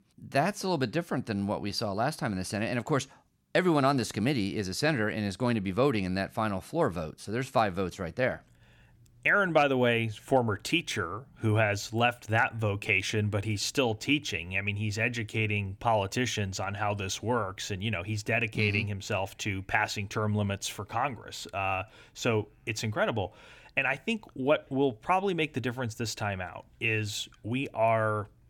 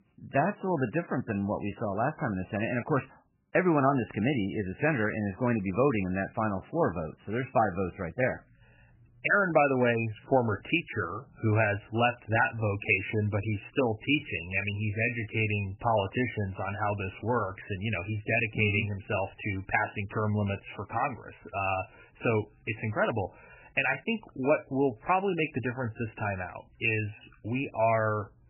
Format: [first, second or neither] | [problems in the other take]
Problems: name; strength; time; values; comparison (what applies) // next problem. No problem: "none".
first | garbled, watery; badly; nothing above 3 kHz